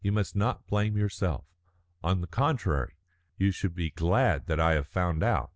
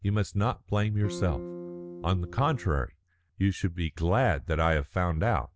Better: first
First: none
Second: background sound (Electric guitar / Strum); 11 dB below the speech

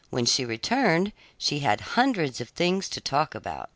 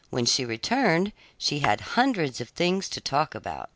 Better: first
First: none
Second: background sound (Tap / Hammer); 16 dB below the speech

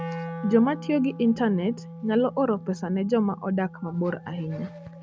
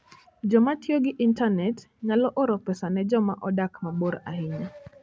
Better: second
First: background sound (Wind instrument, woodwind instrument); 13 dB below the speech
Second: none

